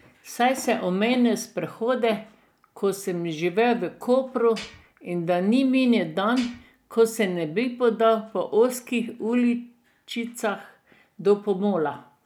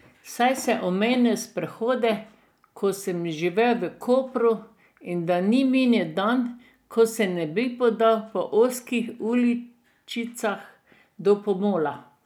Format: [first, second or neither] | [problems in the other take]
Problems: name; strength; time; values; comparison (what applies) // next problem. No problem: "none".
second | background sound (Tools); 16 dB below the speech